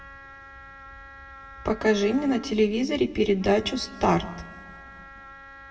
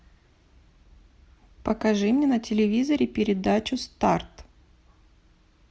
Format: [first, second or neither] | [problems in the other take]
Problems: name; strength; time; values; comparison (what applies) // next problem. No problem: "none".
second | background sound (Wind instrument, woodwind instrument); 19 dB below the speech // room echo; dies away in 1 s